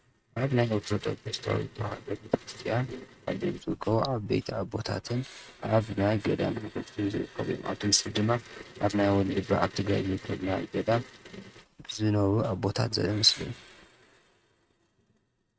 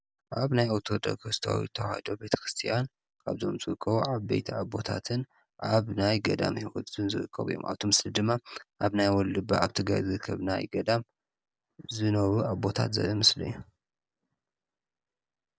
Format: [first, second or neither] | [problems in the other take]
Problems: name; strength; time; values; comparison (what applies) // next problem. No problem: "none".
second | noise reduction (neural mask model RNNoise)